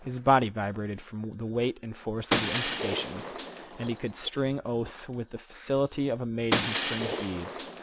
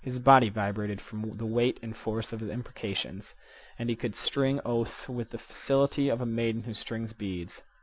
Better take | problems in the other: second | background sound (Shatter); 5 dB below the speech

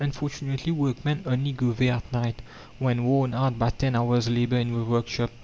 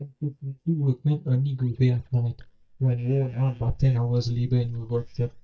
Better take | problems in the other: first | noise reduction (neural mask model DeepFilterNet 3)

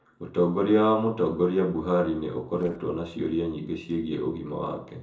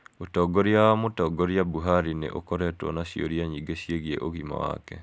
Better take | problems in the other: second | noise reduction (neural separator model SepFormer DNS4)

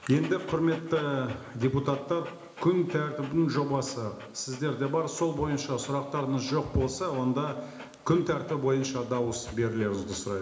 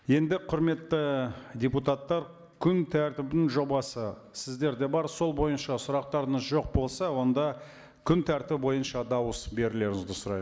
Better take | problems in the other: second | background sound (Dog); 19 dB below the speech // room echo; dies away in 0.8 s

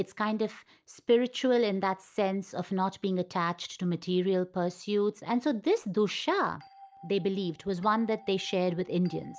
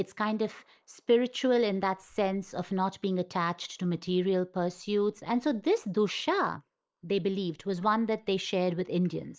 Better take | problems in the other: first | noise reduction (neural mask model Resemble Enhance denoiser)

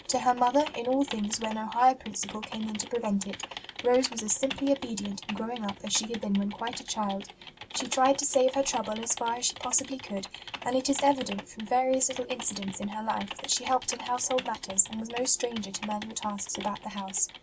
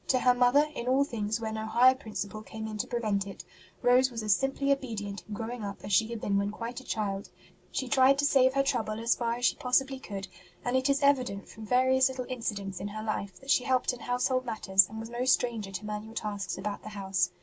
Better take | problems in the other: second | background sound (Typing); 14 dB below the speech

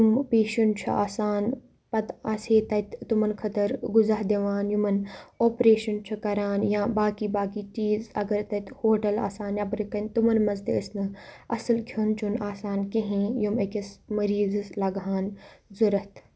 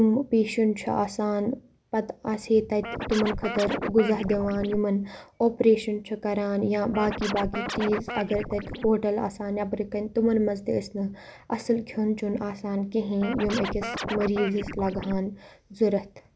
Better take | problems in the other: first | background sound (Scratching (performance technique)); 7 dB below the speech

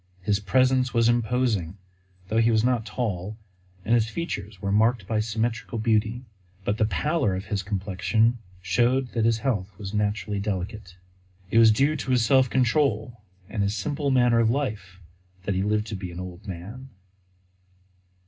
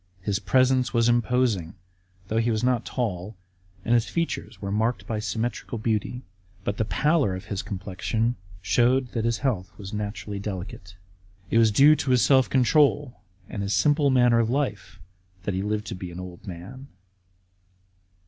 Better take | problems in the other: second | room echo; dies away in 0.2 s

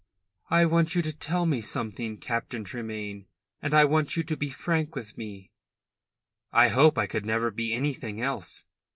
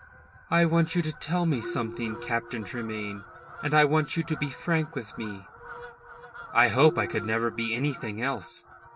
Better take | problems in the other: first | background sound (Fowl + Marimba, xylophone); 14 dB below the speech

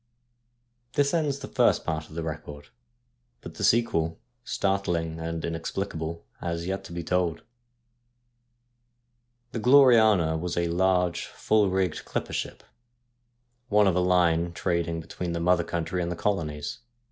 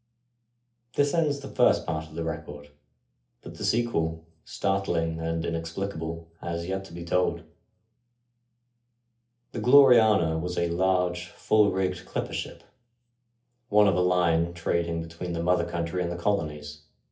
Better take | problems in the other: first | room echo; dies away in 0.3 s

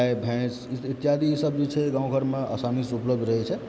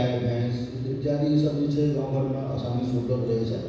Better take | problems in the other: first | room echo; dies away in 1.1 s

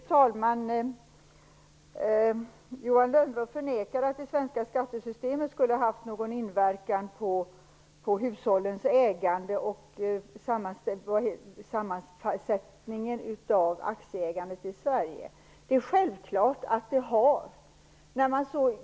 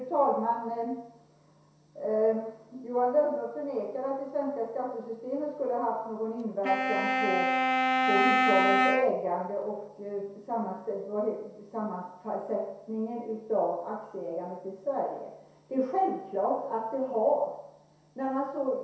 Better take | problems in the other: first | background sound (Wind instrument, woodwind instrument); 4 dB above the speech // room echo; dies away in 0.7 s

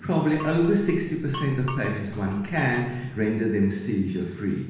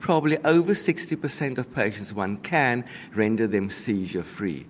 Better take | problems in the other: second | background sound (Glass); 14 dB below the speech // room echo; dies away in 1.1 s

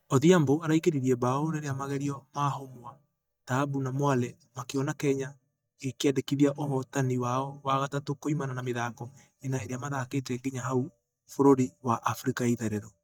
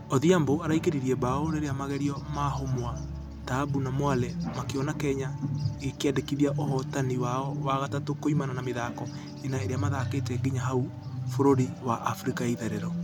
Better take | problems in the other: second | noise reduction (neural mask model DeepFilterNet 3)

